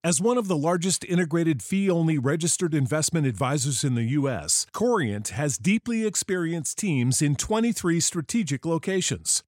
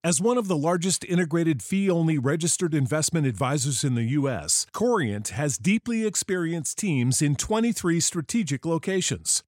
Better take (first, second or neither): neither